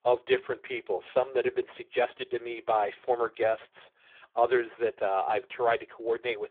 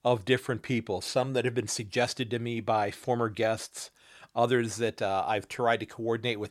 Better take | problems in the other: second | phone-call audio; poor line; nothing above 3.5 kHz

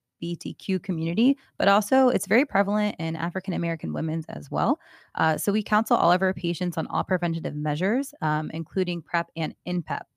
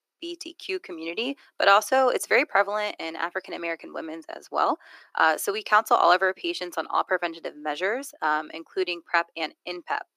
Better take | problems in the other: first | thin; very; fading below 350 Hz

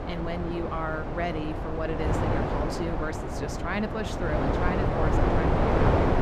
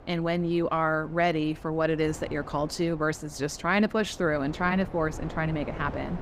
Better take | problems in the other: second | wind noise on the microphone; heavy; 4 dB above the speech; occasional gusts in the second

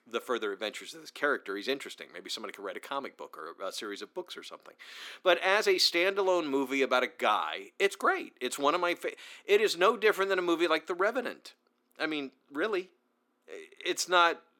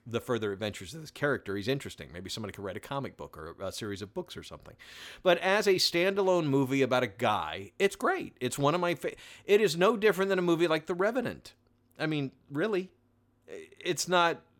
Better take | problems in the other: second | thin; somewhat; fading below 250 Hz

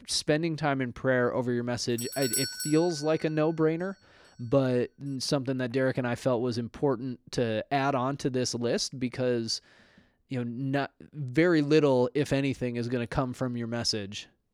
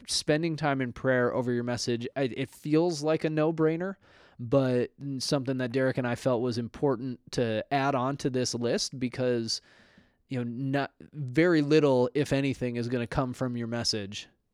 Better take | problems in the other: second | doorbell; noticeable; at 2 s; peak 1 dB below the speech

